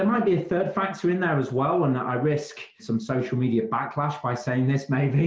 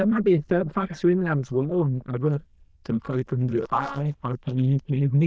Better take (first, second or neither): first